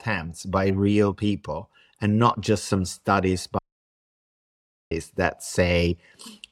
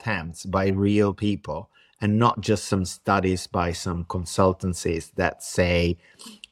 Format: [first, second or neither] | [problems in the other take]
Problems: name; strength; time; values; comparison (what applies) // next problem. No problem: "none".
second | audio cutting out; at 3.5 s for 1.5 s